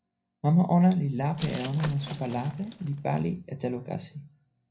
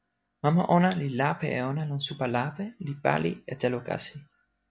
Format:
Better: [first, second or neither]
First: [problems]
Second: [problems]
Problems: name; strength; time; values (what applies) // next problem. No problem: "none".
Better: second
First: background sound (Glass); 17 dB below the speech // room echo; dies away in 0.4 s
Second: none